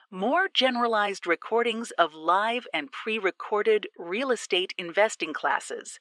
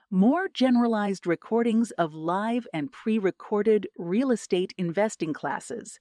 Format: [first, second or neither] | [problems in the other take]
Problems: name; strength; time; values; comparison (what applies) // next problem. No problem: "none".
second | thin; very; fading below 500 Hz